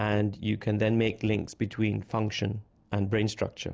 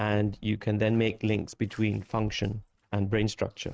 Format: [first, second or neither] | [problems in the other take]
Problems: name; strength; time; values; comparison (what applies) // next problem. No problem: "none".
first | noise reduction (neural mask model RNNoise)